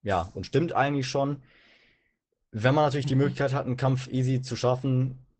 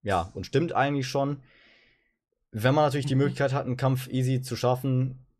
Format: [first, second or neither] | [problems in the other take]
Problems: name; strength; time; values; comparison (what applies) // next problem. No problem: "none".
second | garbled, watery; badly; nothing above 8 kHz